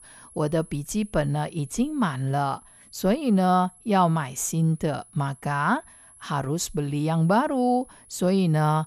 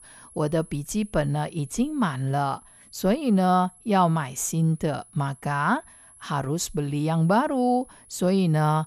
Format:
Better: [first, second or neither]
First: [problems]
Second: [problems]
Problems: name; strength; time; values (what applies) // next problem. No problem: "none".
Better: neither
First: high-pitched whine; faint; throughout; 11 kHz, 25 dB below the speech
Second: high-pitched whine; faint; throughout; 11 kHz, 25 dB below the speech